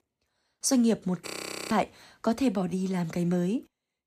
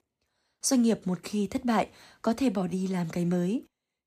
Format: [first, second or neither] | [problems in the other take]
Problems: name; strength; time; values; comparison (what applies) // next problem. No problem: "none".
second | audio freezing; at 1.5 s